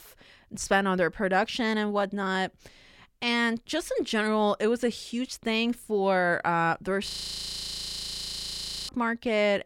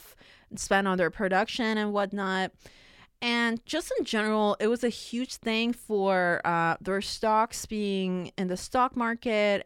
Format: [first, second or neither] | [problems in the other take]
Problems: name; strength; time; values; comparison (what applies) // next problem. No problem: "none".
second | audio freezing; at 7 s for 2 s